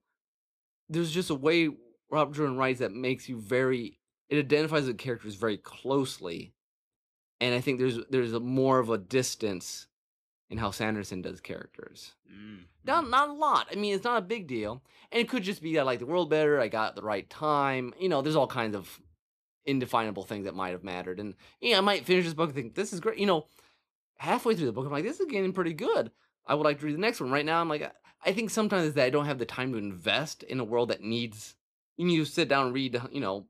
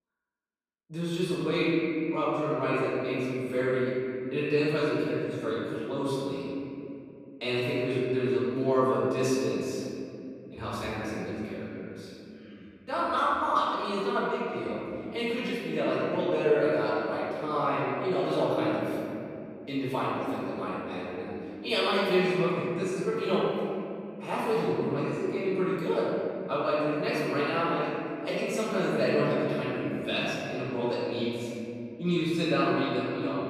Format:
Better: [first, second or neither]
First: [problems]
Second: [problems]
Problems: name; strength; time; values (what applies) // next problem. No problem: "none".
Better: first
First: none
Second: room echo; strong; dies away in 2.8 s // off-mic speech; far